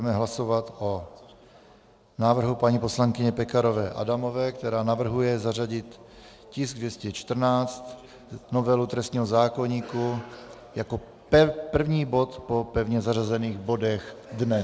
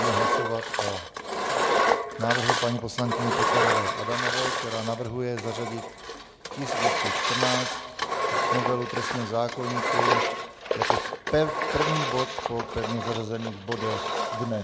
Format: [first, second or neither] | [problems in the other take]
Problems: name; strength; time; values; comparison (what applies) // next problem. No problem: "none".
first | background sound (Engine); 4 dB above the speech